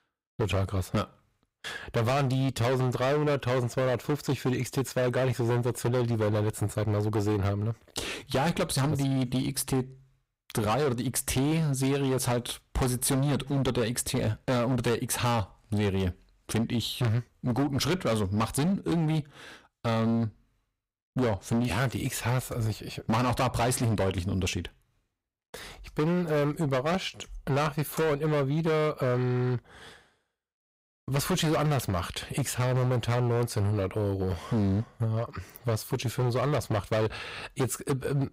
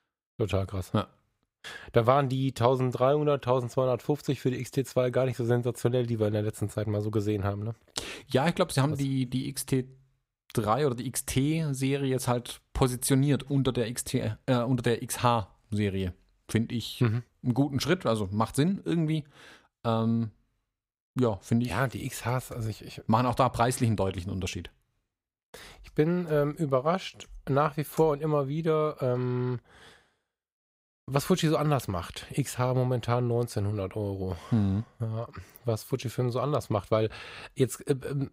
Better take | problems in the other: second | distortion; heavy; 18% of the sound clipped

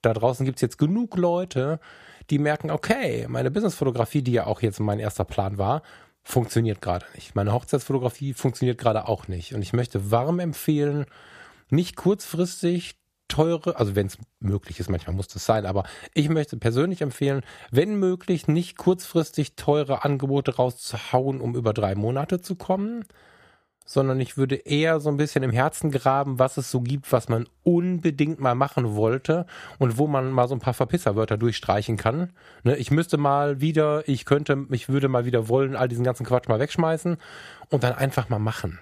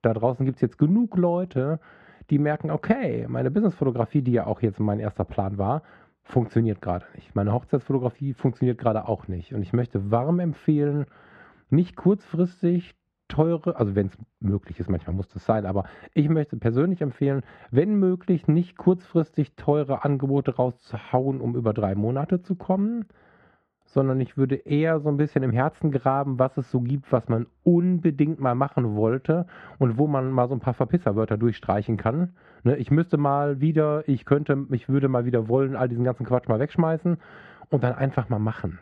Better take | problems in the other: first | muffled; very; fading above 2 kHz

